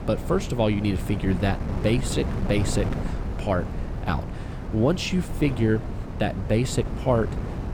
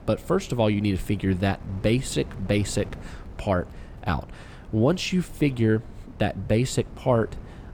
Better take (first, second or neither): second